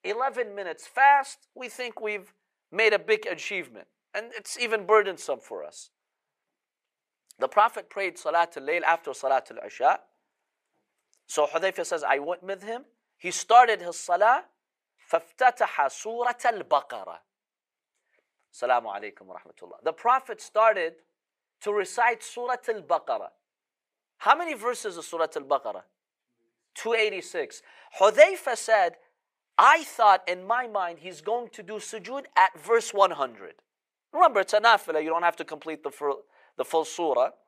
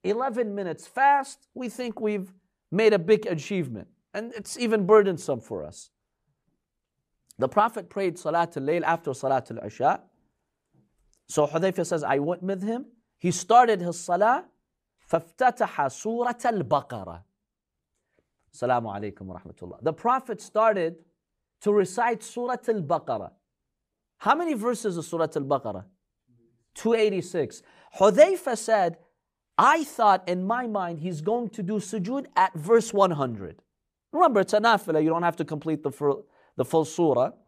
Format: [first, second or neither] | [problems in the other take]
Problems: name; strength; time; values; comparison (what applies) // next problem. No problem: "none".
second | thin; very; fading below 600 Hz